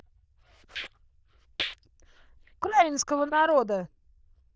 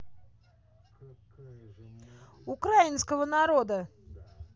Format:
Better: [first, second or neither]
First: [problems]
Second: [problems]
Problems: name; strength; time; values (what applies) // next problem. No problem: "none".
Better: second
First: noise reduction (neural diffusion model UNIVERSE++)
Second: none